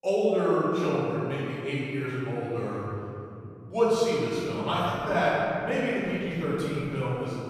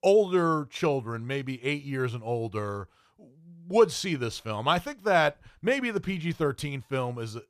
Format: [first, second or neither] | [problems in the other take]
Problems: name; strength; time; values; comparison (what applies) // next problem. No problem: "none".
second | room echo; strong; dies away in 2.6 s // off-mic speech; far